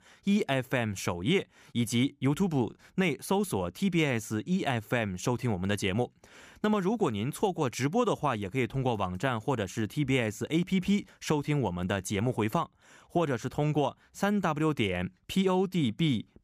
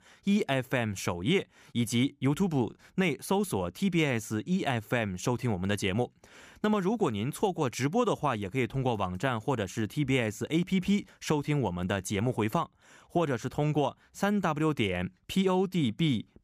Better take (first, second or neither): neither